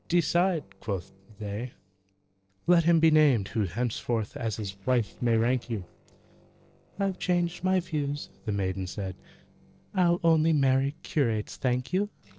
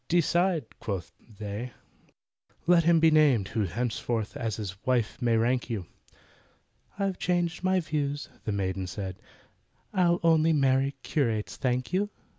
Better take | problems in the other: second | noise reduction (neural separator model SepFormer DNS4)

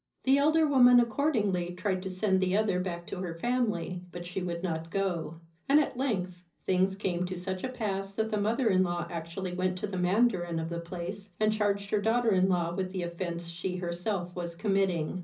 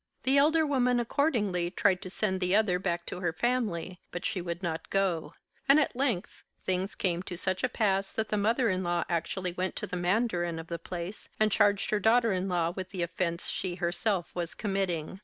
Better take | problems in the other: second | room echo; dies away in 0.5 s

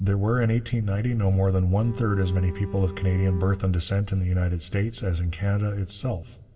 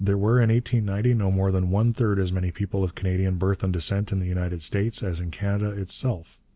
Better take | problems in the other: second | background sound (Bowed string instrument); 13 dB below the speech // room echo; dies away in 0.4 s

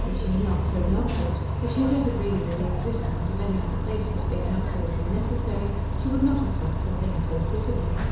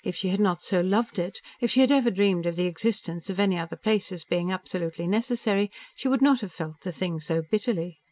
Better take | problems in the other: second | background sound (Bus); 3 dB above the speech // room echo; dies away in 1 s

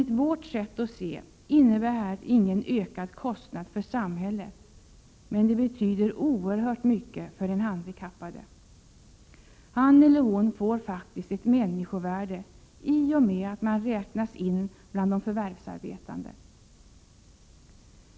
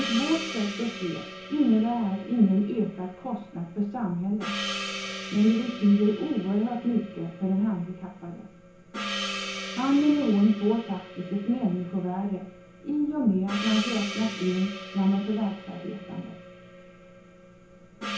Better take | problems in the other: first | background sound (Gong); 11 dB below the speech // room echo; dies away in 0.6 s

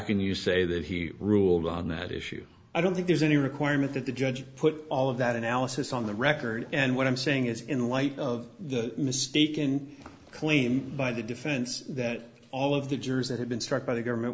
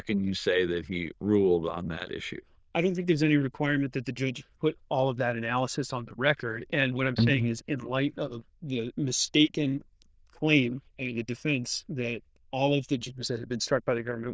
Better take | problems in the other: first | noise reduction (neural diffusion model UNIVERSE++)

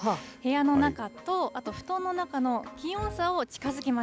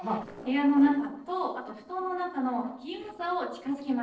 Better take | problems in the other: first | noise reduction (neural separator model SepFormer DNS4)

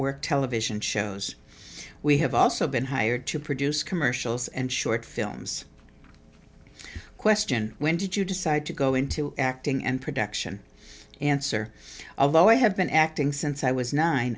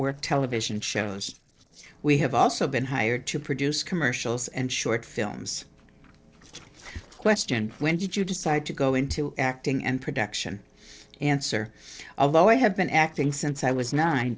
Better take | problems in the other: first | noise reduction (neural separator model SepFormer DNS4)

